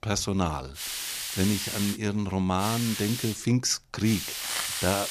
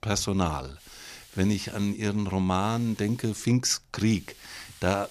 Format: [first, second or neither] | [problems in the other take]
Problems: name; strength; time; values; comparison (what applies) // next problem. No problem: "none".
second | hiss; loud; from 1 to 2 s, at 2.5 s and from 4 s on; 4 dB below the speech; faint in the second